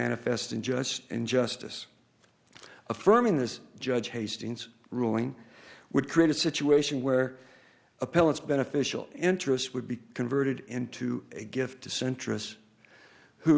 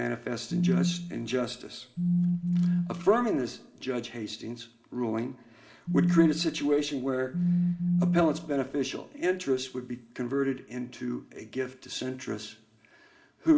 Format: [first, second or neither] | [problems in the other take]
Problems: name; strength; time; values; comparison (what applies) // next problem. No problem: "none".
first | background sound (Telephone); 2 dB above the speech // room echo; dies away in 0.4 s